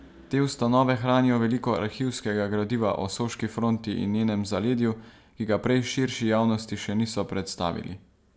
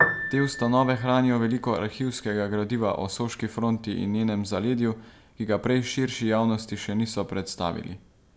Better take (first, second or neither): first